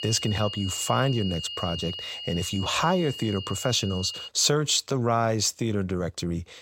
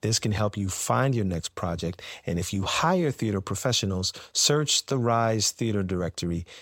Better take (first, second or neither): second